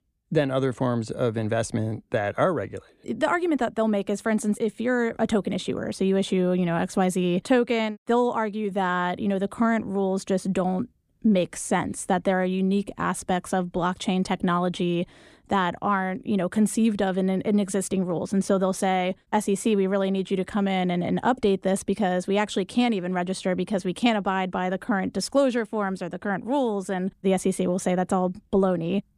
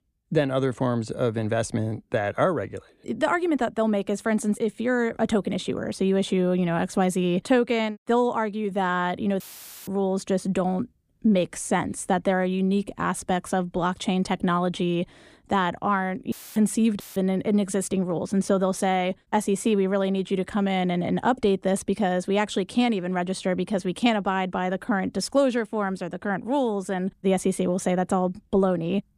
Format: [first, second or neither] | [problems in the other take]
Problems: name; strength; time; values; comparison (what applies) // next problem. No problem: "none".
first | audio cutting out; filled with static; at 9.5 s, at 16 s and at 17 s